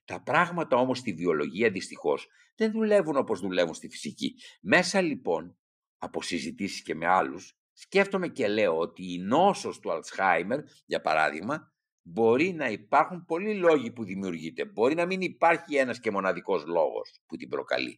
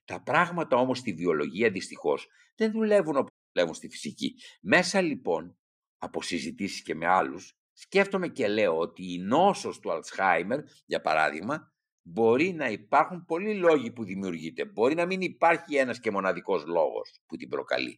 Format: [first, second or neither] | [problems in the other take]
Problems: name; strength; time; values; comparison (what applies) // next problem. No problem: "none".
first | audio cutting out; at 3.5 s